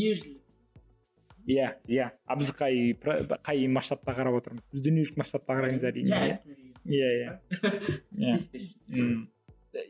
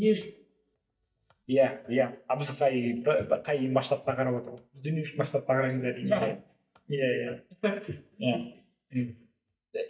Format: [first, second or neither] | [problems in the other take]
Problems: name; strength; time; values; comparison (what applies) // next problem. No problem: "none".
first | noise reduction (neural mask model DeepFilterNet 3)